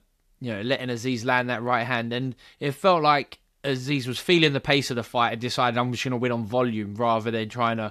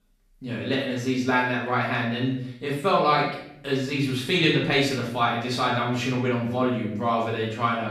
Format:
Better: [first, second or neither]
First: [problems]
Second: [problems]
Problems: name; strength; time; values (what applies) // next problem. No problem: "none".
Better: first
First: none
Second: off-mic speech; far // room echo; noticeable; dies away in 0.6 s